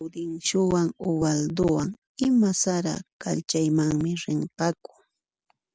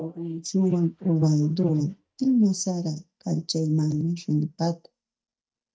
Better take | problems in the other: first | noise reduction (neural mask model DeepFilterNet 3)

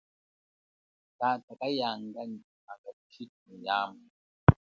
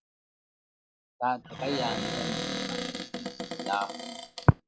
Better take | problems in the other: first | noise reduction (classical method log-MMSE)

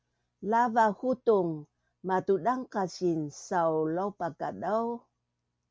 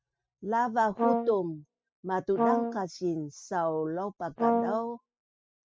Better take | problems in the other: first | noise reduction (classical method spectral subtraction)

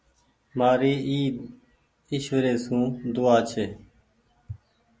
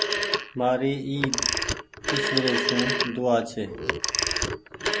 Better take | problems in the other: first | background sound (Telephone); 1 dB above the speech

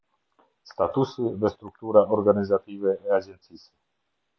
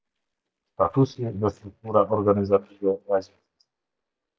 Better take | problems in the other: first | noise reduction (neural mask model DeepFilterNet 3)

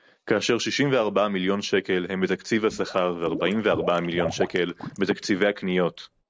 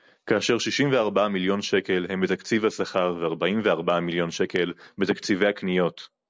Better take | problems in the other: second | background sound (Liquid); 12 dB below the speech

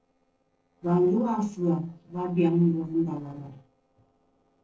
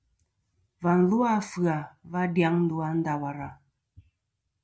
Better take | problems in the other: second | noise reduction (neural separator model SepFormer DNS4)

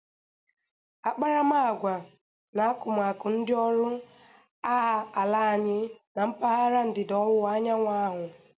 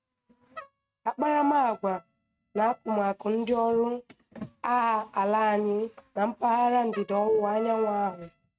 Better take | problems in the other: first | noise reduction (neural mask model RNNoise)

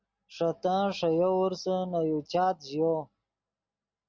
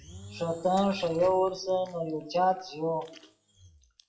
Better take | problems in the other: first | noise reduction (classical method WPE with log-MMSE)

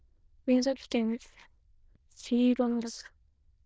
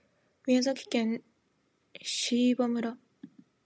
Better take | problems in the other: second | noise reduction (neural diffusion model UNIVERSE++)

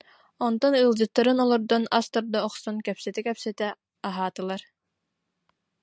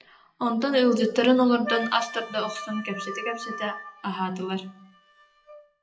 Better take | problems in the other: first | noise reduction (classical method WPE with log-MMSE)

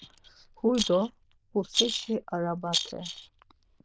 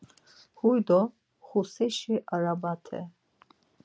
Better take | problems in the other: second | noise reduction (neural diffusion model UNIVERSE++)

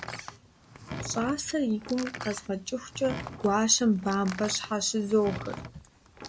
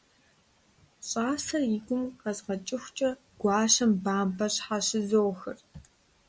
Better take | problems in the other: second | background sound (Door); 12 dB below the speech

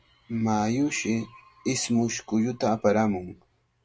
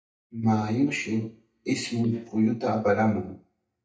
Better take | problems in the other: first | noise reduction (neural mask model DeepFilterNet 3)

